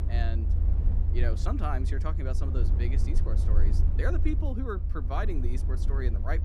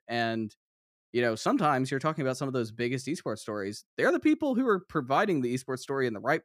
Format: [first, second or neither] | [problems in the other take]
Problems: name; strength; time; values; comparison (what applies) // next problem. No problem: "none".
second | low rumble; loud; throughout; 7 dB below the speech